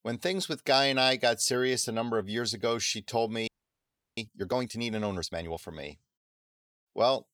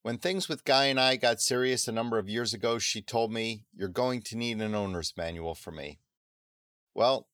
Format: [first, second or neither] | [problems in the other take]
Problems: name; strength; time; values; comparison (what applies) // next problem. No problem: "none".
second | audio freezing; at 3.5 s for 0.5 s